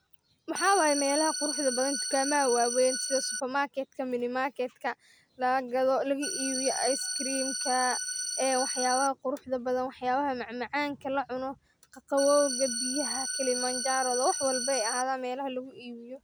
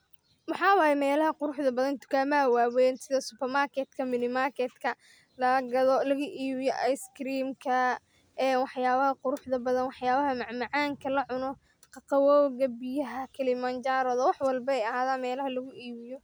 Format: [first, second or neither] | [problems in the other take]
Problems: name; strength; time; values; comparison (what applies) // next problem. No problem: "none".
second | background sound (Organ); 3 dB below the speech